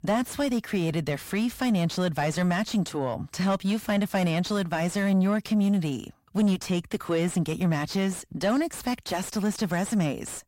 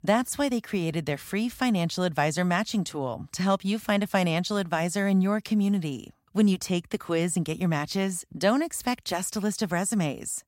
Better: second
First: distortion; slight; 10 dB below the speech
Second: none

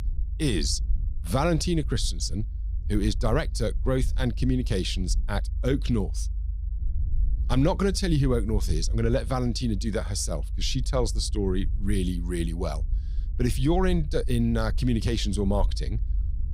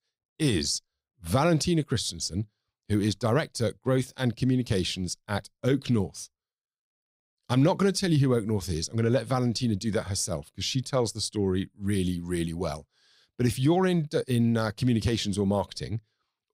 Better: second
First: low rumble; faint; throughout; 20 dB below the speech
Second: none

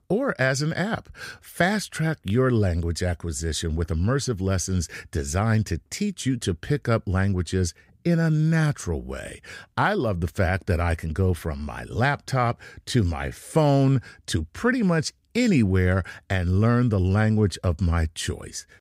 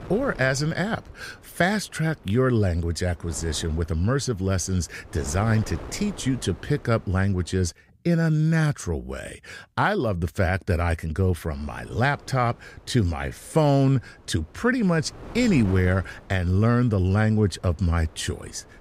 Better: first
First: none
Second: wind noise on the microphone; occasional gusts; until 7.5 s and from 12 s on; 20 dB below the speech

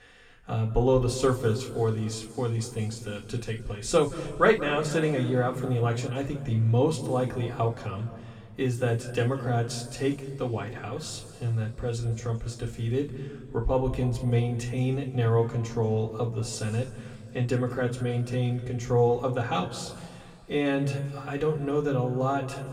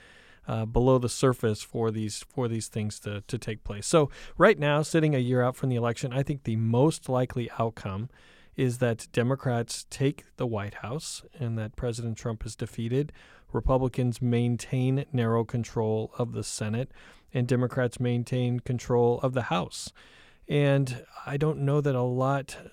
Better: second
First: room echo; noticeable; dies away in 1.9 s // off-mic speech; somewhat distant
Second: none

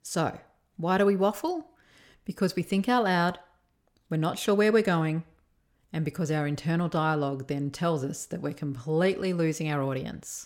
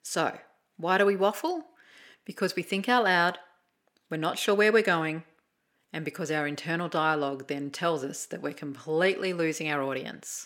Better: first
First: none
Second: thin; somewhat; fading below 250 Hz

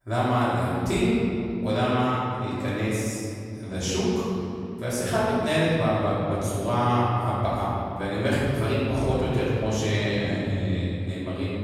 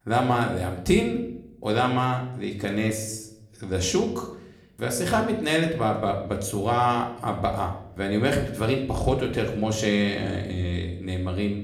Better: second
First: room echo; strong; dies away in 2.6 s // off-mic speech; far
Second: room echo; slight; dies away in 0.6 s // off-mic speech; somewhat distant

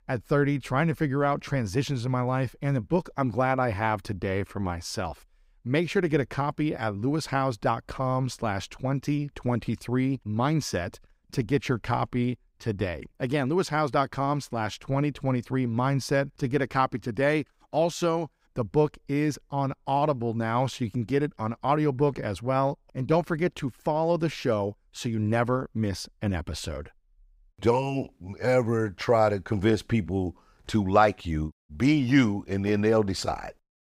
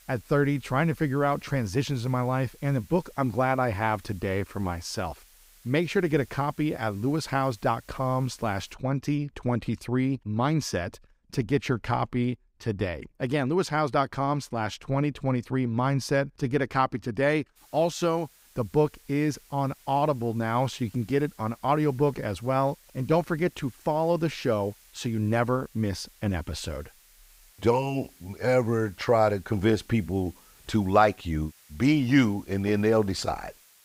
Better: first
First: none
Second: hiss; faint; until 8.5 s and from 18 s on; 25 dB below the speech

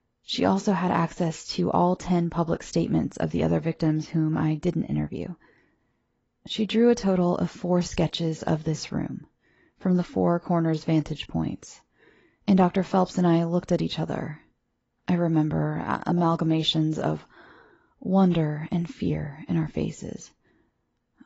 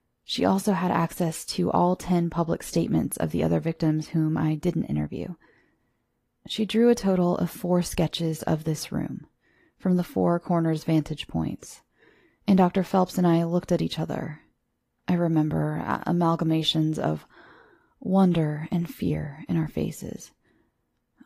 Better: second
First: garbled, watery; badly; nothing above 7.5 kHz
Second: garbled, watery; slightly

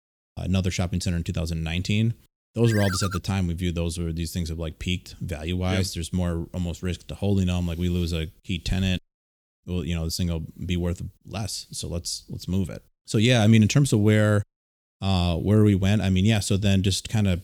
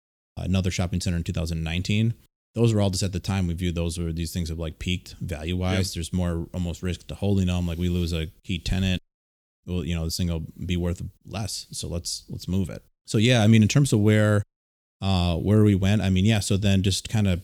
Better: second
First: phone ringing; noticeable; at 2.5 s; peak 7 dB below the speech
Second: none

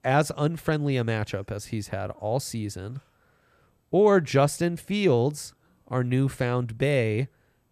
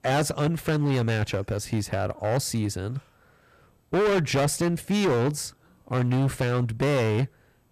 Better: first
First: none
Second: distortion; heavy; 17% of the sound clipped

